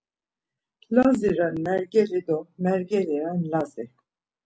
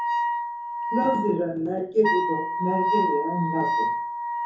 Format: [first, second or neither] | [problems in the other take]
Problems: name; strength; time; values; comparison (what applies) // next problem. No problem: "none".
first | background sound (Wind instrument, woodwind instrument); 1 dB above the speech // room echo; dies away in 0.6 s